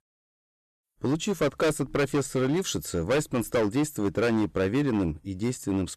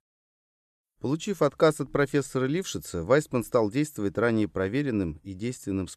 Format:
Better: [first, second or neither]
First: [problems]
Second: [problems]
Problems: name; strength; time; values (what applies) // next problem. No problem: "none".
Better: second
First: distortion; heavy; 13% of the sound clipped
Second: none